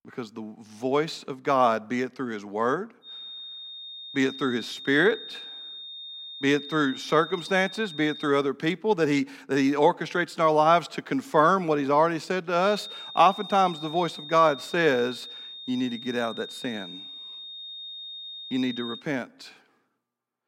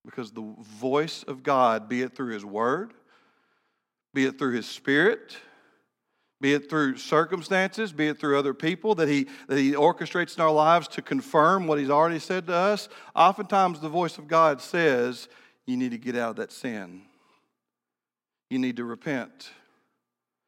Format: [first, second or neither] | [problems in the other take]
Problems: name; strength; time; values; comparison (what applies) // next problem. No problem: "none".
second | high-pitched whine; noticeable; from 3 to 8.5 s and from 13 to 19 s; 3.5 kHz, 15 dB below the speech